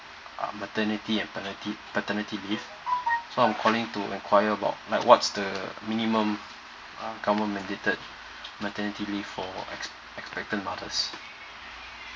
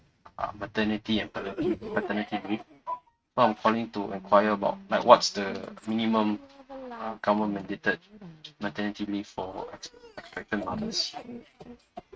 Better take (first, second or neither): first